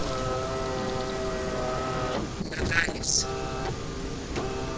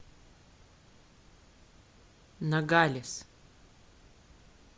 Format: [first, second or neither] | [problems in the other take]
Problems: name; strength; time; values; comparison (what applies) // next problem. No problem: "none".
second | noise reduction (neural separator model SepFormer DNS4)